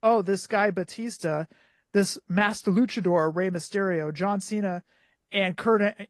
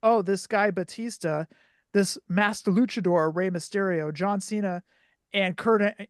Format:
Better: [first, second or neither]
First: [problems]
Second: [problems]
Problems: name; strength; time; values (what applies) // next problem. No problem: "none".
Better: second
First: garbled, watery; slightly; nothing above 10 kHz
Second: none